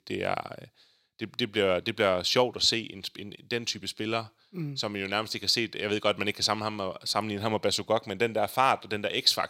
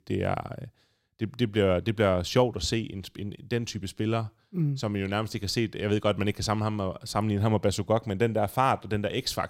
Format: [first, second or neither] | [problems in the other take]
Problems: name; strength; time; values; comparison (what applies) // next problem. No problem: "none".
second | thin; somewhat; fading below 950 Hz